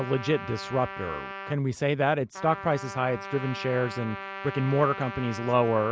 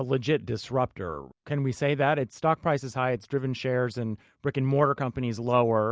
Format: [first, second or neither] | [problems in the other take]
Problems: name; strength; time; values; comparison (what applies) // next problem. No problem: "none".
second | background sound (Trumpet); 11 dB below the speech